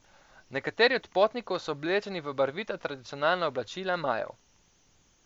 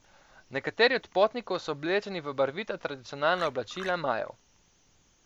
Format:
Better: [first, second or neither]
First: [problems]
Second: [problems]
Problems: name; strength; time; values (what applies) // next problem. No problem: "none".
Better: first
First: none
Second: background sound (Marimba, xylophone); 13 dB below the speech